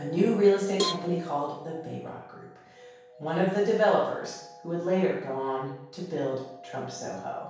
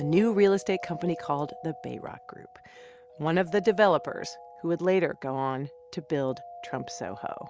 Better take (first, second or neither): second